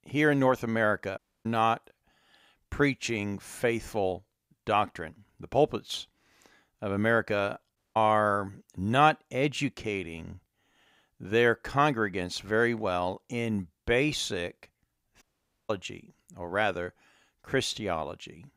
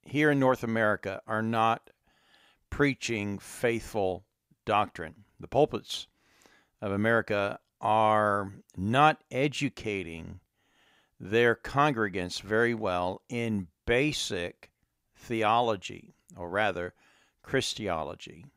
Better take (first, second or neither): second